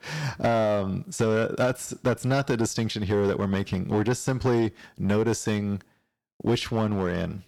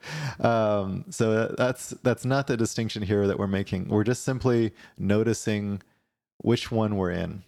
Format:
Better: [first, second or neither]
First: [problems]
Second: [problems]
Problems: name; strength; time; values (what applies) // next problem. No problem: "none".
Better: second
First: distortion; slight; 5% of the sound clipped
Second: none